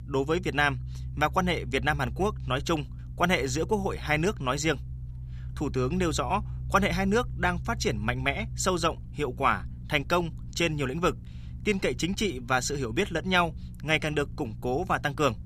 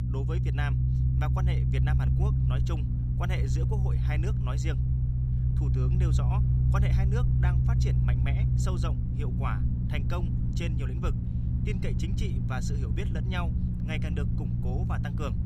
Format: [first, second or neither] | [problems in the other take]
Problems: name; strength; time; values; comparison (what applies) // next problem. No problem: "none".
first | low rumble; loud; throughout; 1 dB below the speech; faint in the first